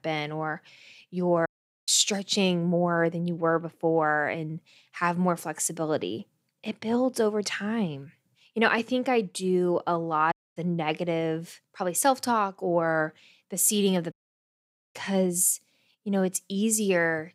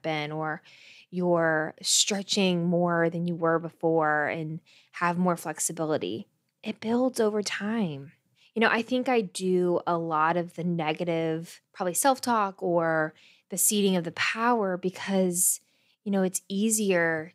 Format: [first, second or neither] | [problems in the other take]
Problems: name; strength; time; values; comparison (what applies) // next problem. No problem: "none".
second | audio cutting out; at 1.5 s, at 10 s and at 14 s for 1 s